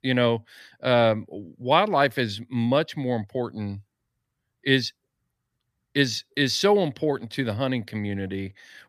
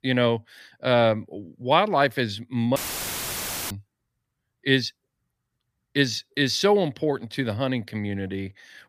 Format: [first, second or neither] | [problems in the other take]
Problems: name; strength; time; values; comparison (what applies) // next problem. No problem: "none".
first | audio cutting out; filled with static; at 3 s for 1 s